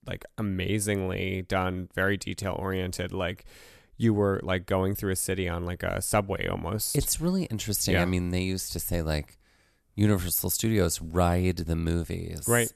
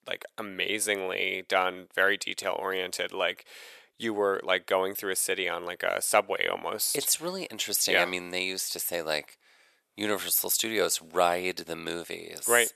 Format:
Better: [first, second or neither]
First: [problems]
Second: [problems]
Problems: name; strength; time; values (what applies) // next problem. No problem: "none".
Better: first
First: none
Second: thin; very; fading below 550 Hz